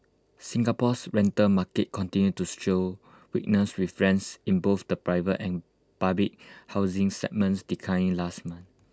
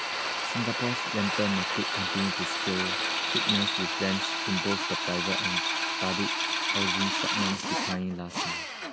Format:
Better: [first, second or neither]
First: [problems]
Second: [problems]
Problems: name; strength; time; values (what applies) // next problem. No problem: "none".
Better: first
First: none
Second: background sound (Drill); 4 dB above the speech